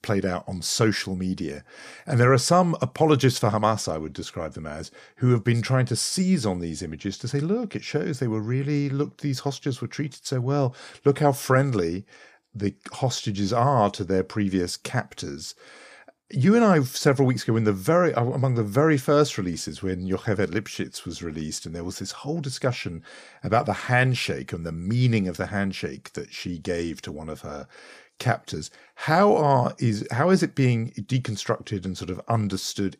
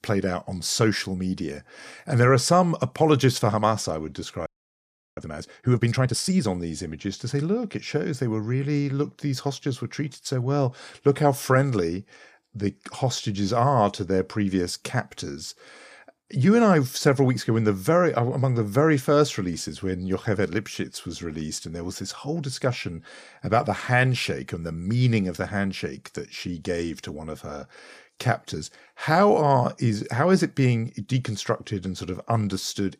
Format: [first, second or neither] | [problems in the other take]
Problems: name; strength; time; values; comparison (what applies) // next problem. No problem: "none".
first | audio freezing; at 4.5 s for 0.5 s